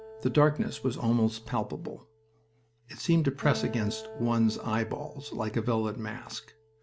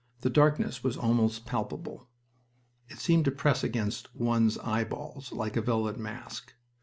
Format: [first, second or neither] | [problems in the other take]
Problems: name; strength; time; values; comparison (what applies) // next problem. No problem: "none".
second | background sound (Acoustic guitar); 16 dB below the speech